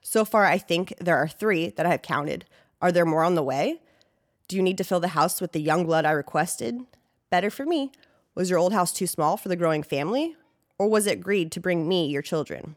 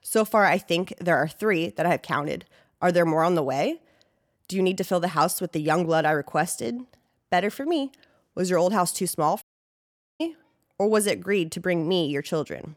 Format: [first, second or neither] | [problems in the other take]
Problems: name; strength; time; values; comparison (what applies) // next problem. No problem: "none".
first | audio cutting out; at 9.5 s for 1 s